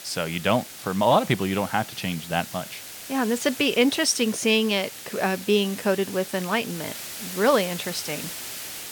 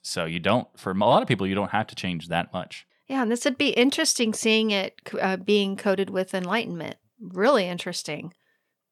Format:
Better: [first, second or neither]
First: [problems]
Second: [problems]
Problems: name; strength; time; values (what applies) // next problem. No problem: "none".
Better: second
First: hiss; noticeable; throughout; 10 dB below the speech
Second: none